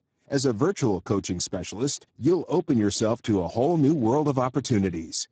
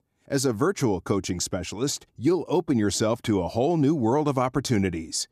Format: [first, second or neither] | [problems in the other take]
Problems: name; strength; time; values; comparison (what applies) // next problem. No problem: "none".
second | garbled, watery; badly; nothing above 7.5 kHz